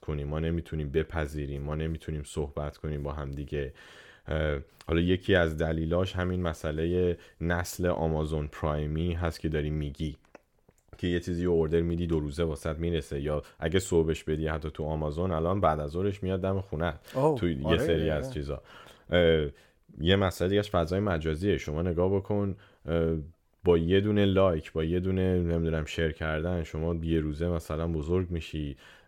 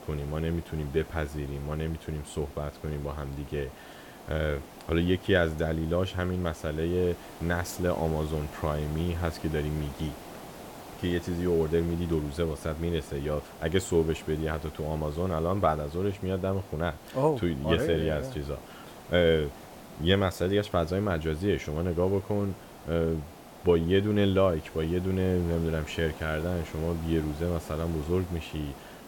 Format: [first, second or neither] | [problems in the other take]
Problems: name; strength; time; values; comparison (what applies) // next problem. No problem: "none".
first | hiss; noticeable; throughout; 15 dB below the speech